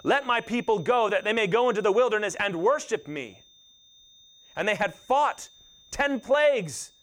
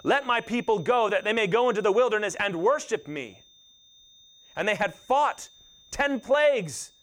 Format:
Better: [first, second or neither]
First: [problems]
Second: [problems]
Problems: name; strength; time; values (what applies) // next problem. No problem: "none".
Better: neither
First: high-pitched whine; faint; throughout; 3.5 kHz, 30 dB below the speech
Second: high-pitched whine; faint; throughout; 3.5 kHz, 30 dB below the speech